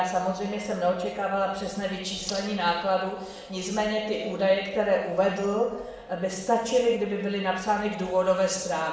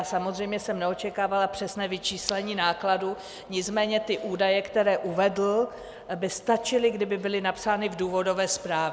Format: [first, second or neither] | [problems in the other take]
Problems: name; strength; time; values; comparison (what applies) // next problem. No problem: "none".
second | room echo; dies away in 0.6 s